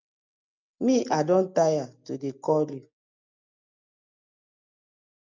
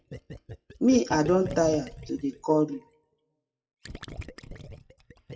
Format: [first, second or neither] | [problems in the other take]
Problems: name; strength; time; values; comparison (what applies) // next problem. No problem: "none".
first | noise reduction (classical method WPE with log-MMSE)